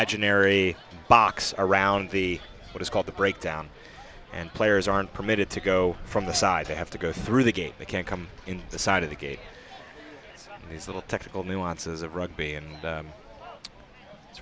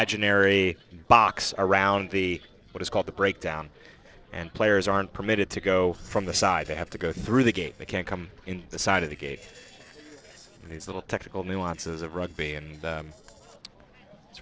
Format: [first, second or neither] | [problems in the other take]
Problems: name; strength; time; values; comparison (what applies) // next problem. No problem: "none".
first | noise reduction (neural separator model SepFormer DNS4)